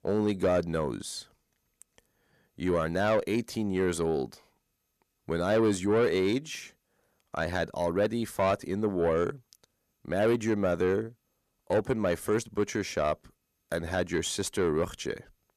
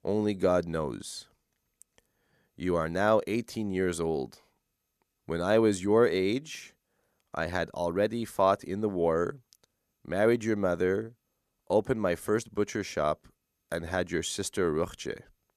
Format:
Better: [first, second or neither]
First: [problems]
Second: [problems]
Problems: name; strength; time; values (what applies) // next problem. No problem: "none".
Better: second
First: distortion; slight; 10 dB below the speech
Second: none